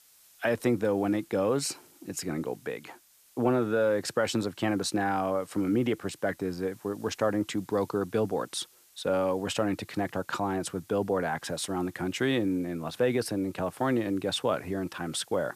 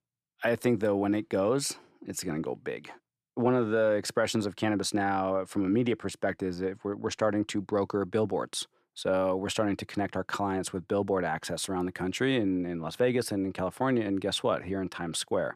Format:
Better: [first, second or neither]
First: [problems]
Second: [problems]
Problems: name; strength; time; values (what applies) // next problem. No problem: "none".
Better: second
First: hiss; faint; throughout; 25 dB below the speech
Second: none